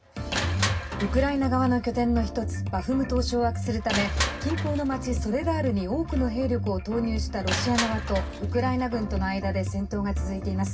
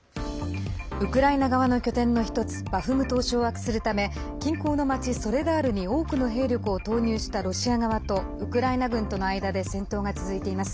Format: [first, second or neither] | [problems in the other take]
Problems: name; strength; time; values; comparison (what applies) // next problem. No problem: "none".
second | background sound (Crushing); 11 dB below the speech // room echo; dies away in 0.4 s